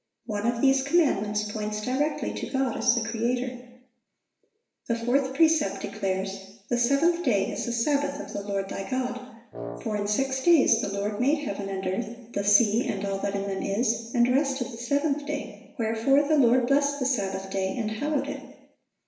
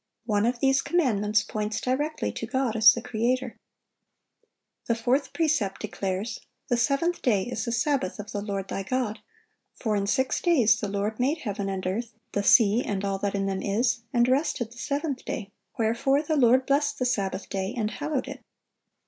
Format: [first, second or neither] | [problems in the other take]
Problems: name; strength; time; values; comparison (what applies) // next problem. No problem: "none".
second | background sound (Wind instrument, woodwind instrument); 11 dB below the speech // room echo; dies away in 0.9 s